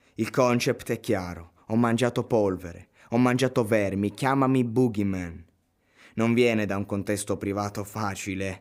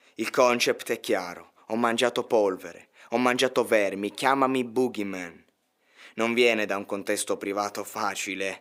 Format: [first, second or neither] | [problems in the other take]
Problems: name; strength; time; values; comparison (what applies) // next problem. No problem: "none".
first | thin; somewhat; fading below 400 Hz